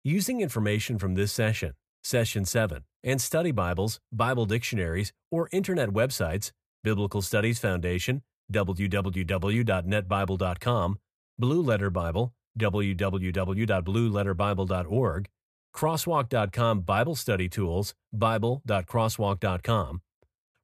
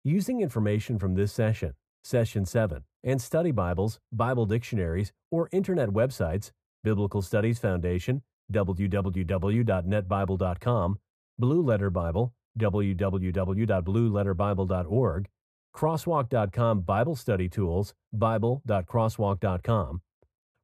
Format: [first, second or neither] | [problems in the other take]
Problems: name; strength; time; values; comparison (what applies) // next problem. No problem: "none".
first | muffled; slightly; fading above 1.5 kHz